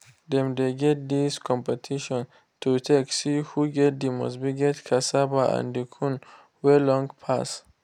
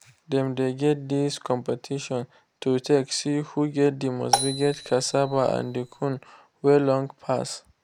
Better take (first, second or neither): first